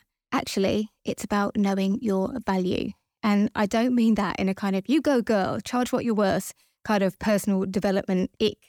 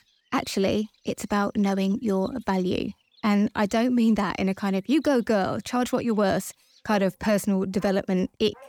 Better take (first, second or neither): first